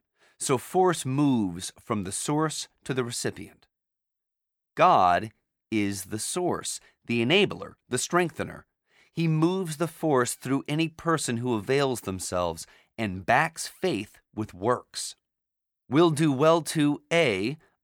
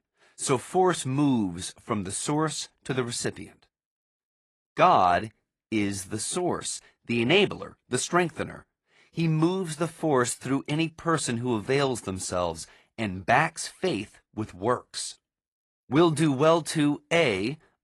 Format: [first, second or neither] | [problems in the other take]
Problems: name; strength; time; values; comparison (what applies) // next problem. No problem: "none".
first | garbled, watery; slightly